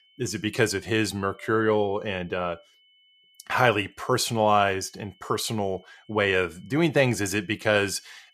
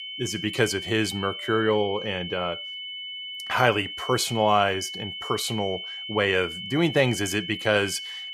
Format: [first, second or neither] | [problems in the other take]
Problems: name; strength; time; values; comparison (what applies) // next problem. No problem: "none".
first | high-pitched whine; loud; throughout; 3 kHz, 8 dB below the speech; faint in the first